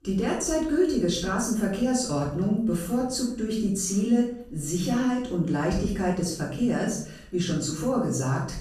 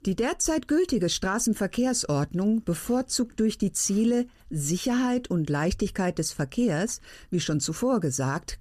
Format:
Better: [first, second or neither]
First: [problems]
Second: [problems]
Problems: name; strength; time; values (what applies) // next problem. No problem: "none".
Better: second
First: off-mic speech; far // room echo; noticeable; dies away in 0.5 s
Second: none